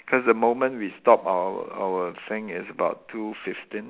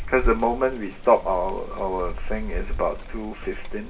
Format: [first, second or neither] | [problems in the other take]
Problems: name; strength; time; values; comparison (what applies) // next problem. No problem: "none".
first | background sound (Rain); 4 dB below the speech // room echo; dies away in 0.2 s